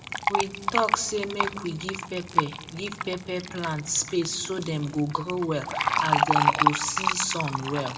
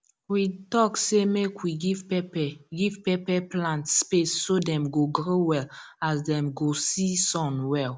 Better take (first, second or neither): second